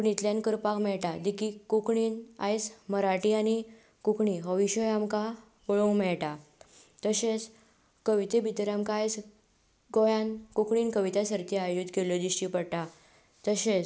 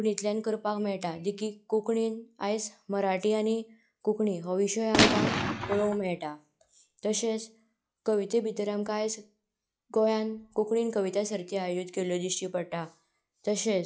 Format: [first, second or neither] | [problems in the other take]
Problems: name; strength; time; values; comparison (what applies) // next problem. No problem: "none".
first | noise reduction (classical method log-MMSE)